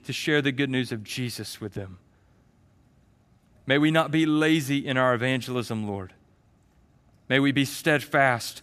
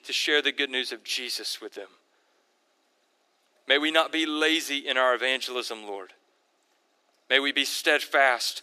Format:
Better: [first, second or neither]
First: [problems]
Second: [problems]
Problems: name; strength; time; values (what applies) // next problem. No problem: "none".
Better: first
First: none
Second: thin; somewhat; fading below 350 Hz